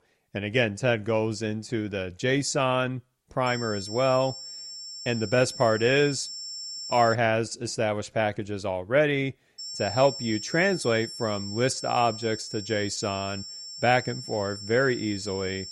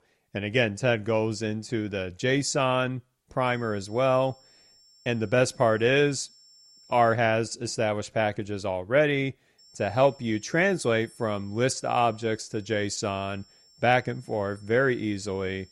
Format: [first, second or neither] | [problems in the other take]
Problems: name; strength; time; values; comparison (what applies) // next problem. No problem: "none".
second | high-pitched whine; loud; from 3.5 to 7 s and from 9.5 s on; 5.5 kHz, 10 dB below the speech; faint in the second